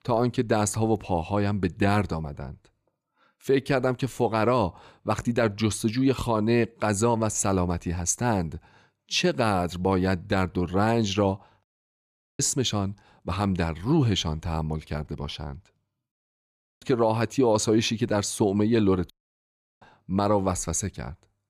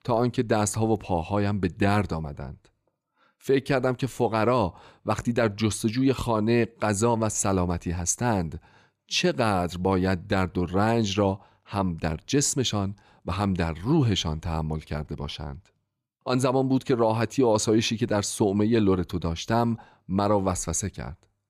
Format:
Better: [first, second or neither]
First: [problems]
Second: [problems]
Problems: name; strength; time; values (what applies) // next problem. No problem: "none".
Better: second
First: audio cutting out; at 12 s for 1 s, at 16 s for 0.5 s and at 19 s for 0.5 s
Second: none